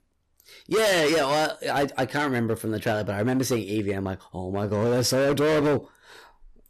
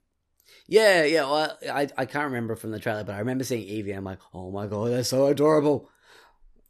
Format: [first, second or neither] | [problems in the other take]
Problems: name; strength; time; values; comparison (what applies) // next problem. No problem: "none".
second | distortion; heavy; 15% of the sound clipped